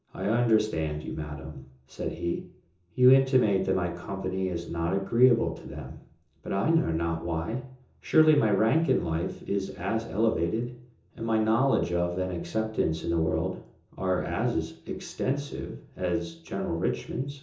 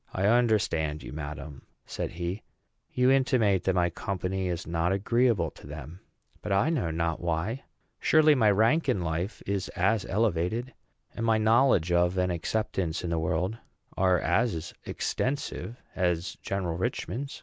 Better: second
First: room echo; dies away in 0.6 s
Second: none

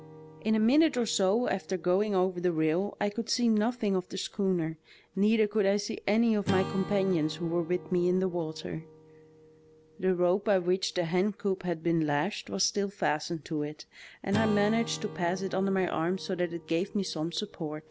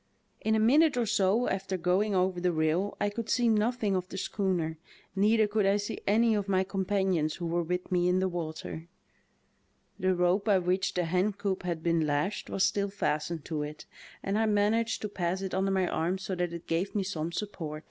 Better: second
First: background sound (Acoustic guitar / Strum); 16 dB below the speech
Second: none

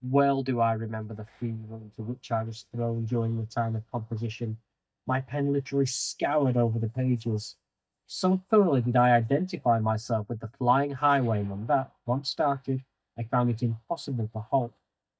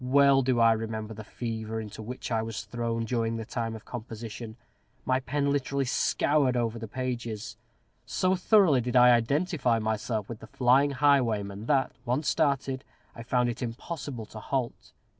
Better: second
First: noise reduction (neural mask model DeepFilterNet 3)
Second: none

